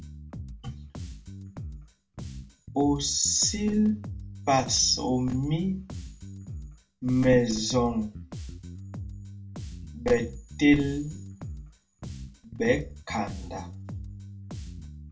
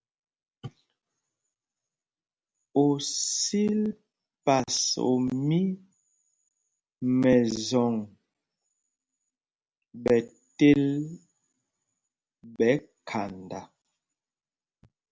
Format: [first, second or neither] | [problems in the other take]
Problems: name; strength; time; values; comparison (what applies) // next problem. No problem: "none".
second | background sound (Bass guitar); 11 dB below the speech // room echo; dies away in 0.2 s